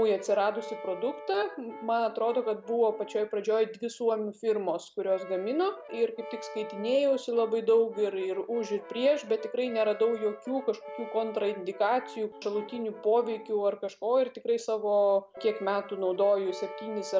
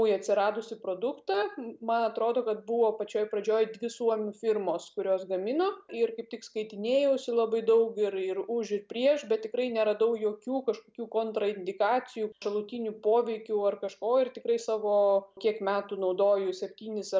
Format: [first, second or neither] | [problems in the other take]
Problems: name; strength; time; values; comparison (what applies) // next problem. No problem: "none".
second | background sound (Brass instrument); 16 dB below the speech